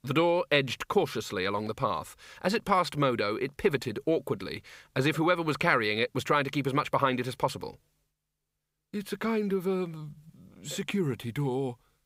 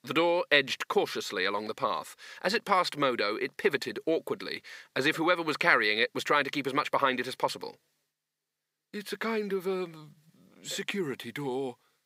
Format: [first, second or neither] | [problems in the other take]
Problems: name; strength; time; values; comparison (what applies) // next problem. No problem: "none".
first | thin; very slightly; fading below 250 Hz